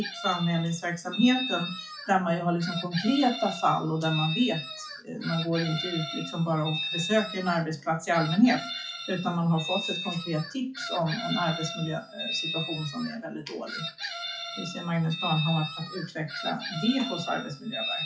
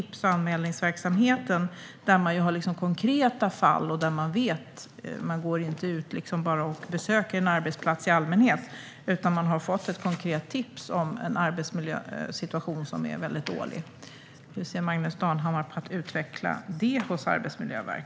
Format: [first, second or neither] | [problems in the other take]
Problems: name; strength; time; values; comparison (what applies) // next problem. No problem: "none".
second | noise reduction (classical method WPE with log-MMSE)